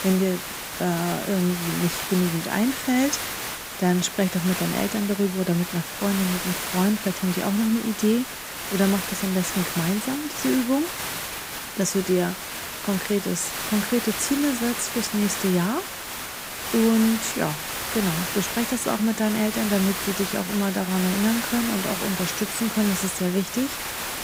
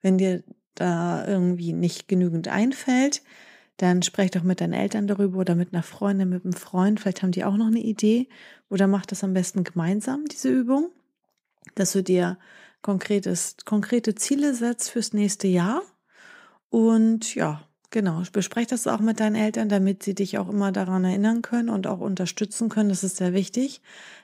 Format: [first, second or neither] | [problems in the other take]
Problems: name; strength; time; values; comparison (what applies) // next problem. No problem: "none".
second | hiss; loud; throughout; 4 dB below the speech